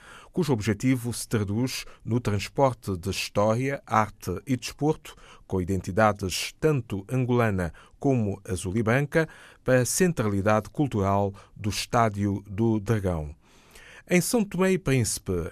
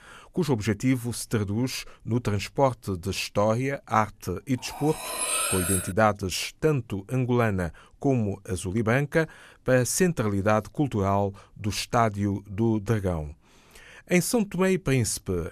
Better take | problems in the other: first | clattering dishes; loud; from 4.5 to 6 s; peak 2 dB above the speech

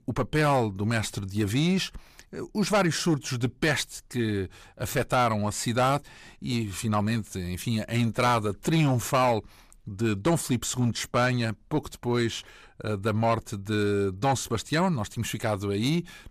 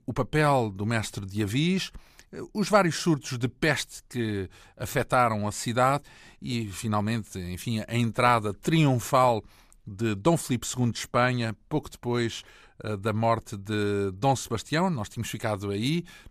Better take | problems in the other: second | distortion; slight; 10 dB below the speech

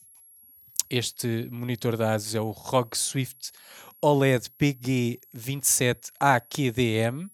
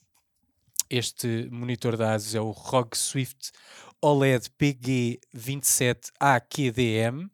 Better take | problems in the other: second | high-pitched whine; faint; throughout; 11.5 kHz, 25 dB below the speech

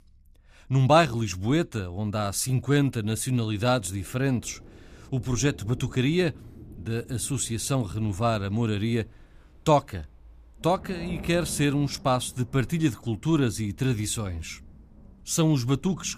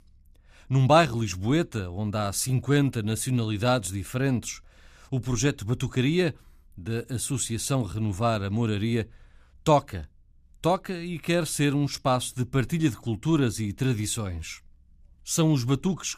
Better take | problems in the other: second | rain or running water; faint; from 4 s on; 20 dB below the speech

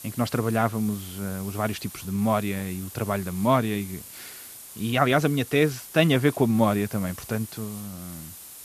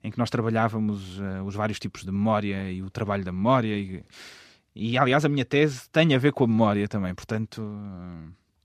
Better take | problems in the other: second | hiss; noticeable; throughout; 15 dB below the speech

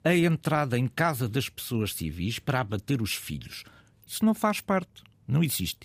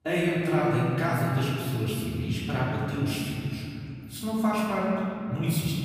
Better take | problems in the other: first | off-mic speech; far // room echo; strong; dies away in 2.7 s

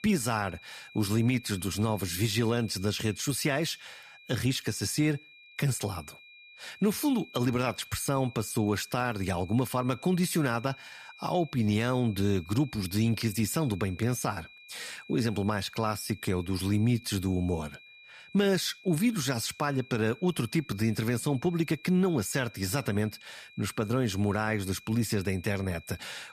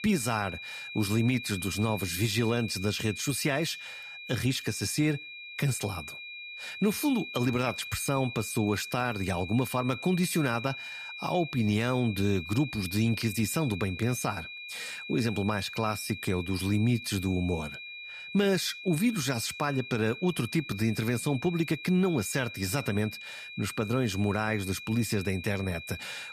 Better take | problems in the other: first | high-pitched whine; loud; throughout; 2.5 kHz, 10 dB below the speech; faint in the first

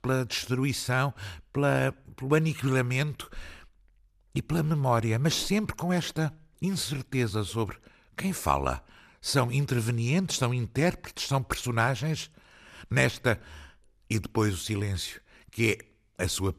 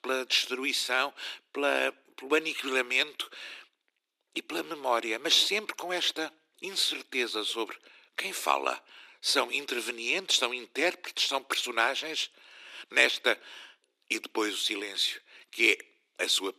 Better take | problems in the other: first | thin; very; fading below 300 Hz

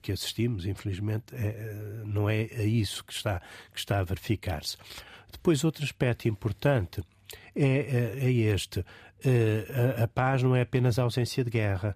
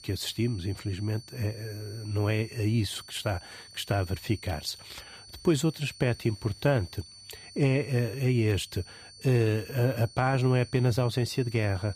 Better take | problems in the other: first | high-pitched whine; noticeable; throughout; 4.5 kHz, 20 dB below the speech

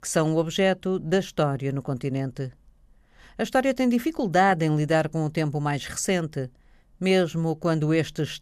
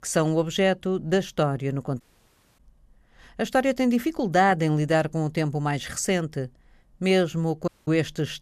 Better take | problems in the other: first | audio cutting out; at 2 s for 0.5 s and at 7.5 s

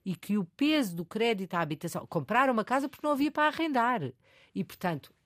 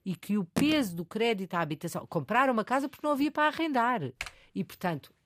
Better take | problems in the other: first | phone ringing; noticeable; at 0.5 s; peak 5 dB below the speech // keyboard typing; faint; at 4 s; peak 10 dB below the speech

